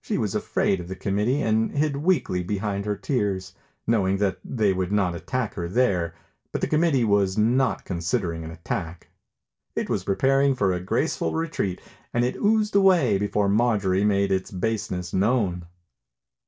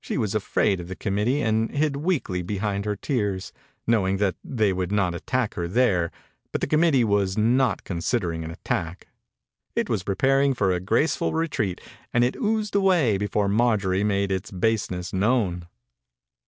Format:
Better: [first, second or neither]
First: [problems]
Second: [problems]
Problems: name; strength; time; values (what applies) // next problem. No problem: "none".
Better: second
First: room echo; dies away in 0.2 s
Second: none